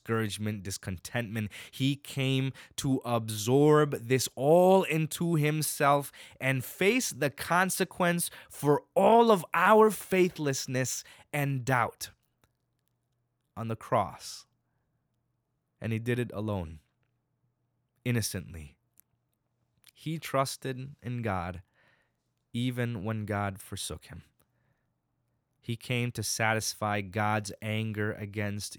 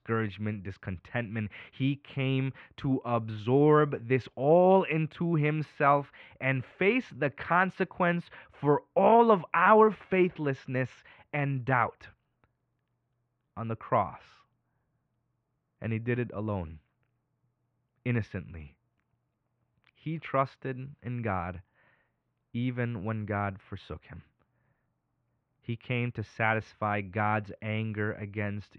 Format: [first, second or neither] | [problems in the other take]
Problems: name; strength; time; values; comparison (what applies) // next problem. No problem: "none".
first | muffled; very; fading above 2.5 kHz